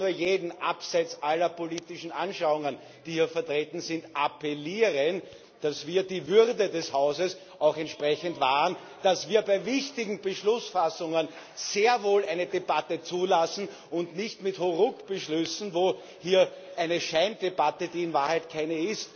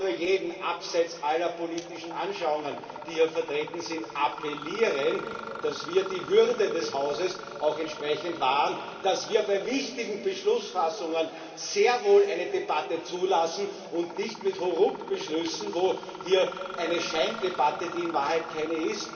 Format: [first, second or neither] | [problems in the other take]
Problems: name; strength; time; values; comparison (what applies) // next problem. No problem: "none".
first | background sound (Mechanisms); 15 dB below the speech // room echo; dies away in 2.5 s